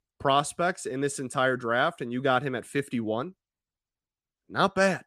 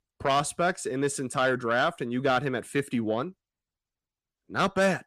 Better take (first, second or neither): first